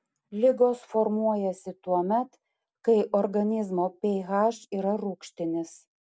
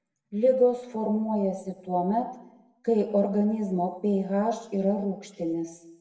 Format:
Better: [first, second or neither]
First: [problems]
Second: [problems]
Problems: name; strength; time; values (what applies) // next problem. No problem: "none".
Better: first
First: none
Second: room echo; dies away in 0.8 s